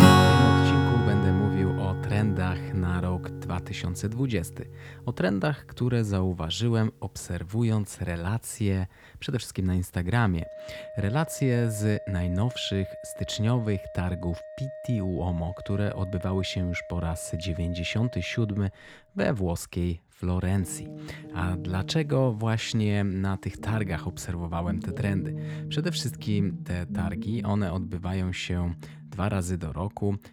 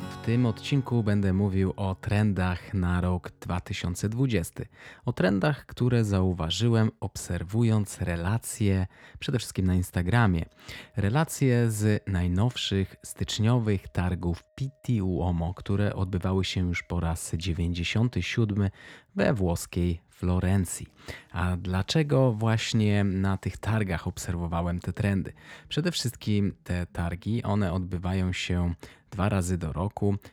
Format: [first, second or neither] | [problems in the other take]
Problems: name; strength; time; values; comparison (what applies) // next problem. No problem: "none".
second | background music; loud; throughout; 2 dB below the speech; faint in the second